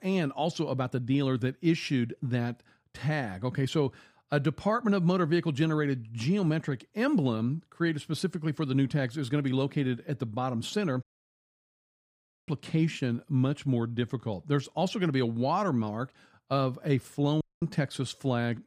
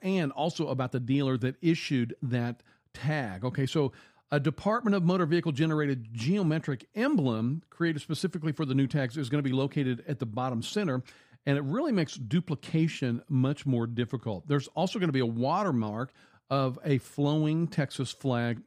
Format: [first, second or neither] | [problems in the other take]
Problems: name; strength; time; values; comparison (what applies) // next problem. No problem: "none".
second | audio cutting out; at 11 s for 1.5 s and at 17 s